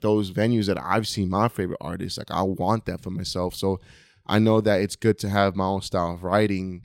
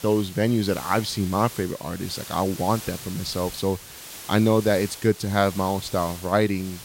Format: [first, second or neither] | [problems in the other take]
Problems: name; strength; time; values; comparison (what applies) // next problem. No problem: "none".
first | hiss; noticeable; throughout; 15 dB below the speech